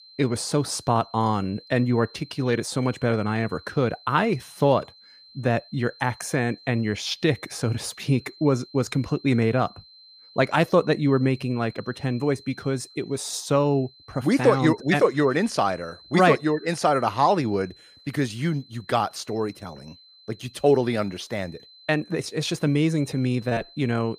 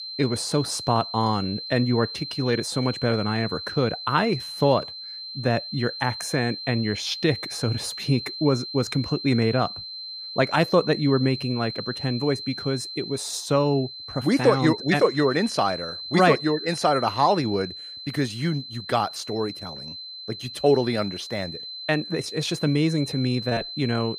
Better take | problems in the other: first | high-pitched whine; loud; throughout; 4 kHz, 9 dB below the speech; faint in the first

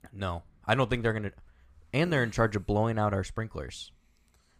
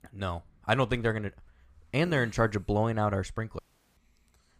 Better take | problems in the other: first | audio cutting out; at 3.5 s

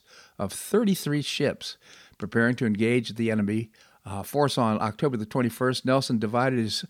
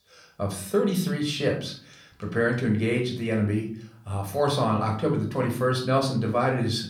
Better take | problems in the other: first | off-mic speech; somewhat distant // room echo; slight; dies away in 0.5 s

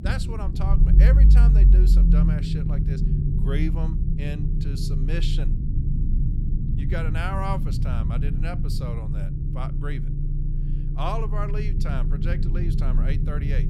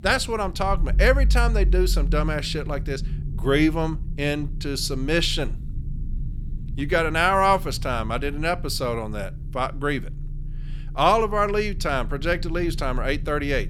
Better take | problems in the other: second | low rumble; loud; throughout; 3 dB below the speech; faint in the second

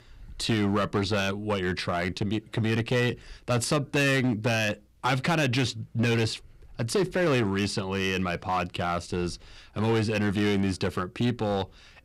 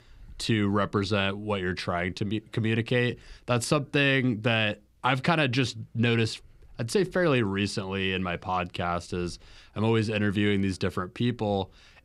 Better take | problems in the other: second | distortion; slight; 8% of the sound clipped

